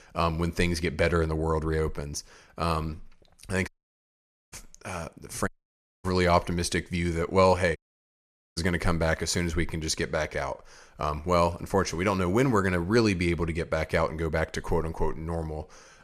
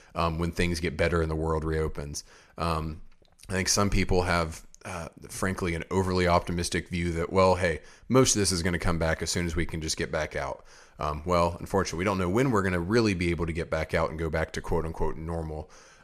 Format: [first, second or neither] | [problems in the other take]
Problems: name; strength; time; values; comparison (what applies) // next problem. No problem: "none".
second | audio cutting out; at 3.5 s for 1 s, at 5.5 s for 0.5 s and at 8 s for 1 s